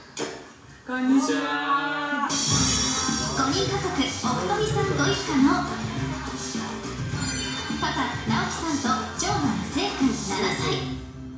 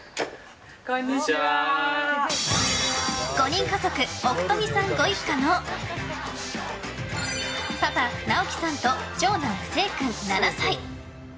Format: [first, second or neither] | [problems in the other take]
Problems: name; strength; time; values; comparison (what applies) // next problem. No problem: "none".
second | room echo; dies away in 0.7 s